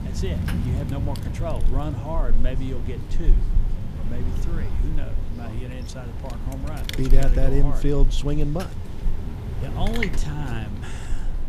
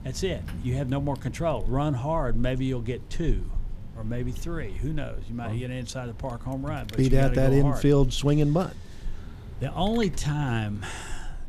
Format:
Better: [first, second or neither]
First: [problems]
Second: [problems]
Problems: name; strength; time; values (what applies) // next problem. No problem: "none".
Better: second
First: wind noise on the microphone; heavy; 4 dB below the speech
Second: wind noise on the microphone; occasional gusts; 20 dB below the speech